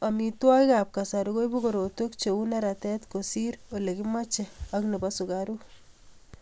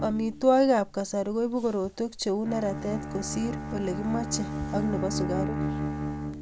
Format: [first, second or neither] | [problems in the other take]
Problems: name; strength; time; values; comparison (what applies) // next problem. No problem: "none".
first | background sound (Bowed string instrument); 6 dB below the speech